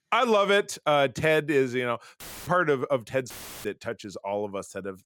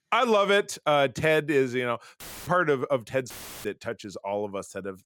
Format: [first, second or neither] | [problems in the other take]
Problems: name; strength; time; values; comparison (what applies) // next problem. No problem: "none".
neither | audio cutting out; filled with static; at 2 s and at 3.5 s; the same in both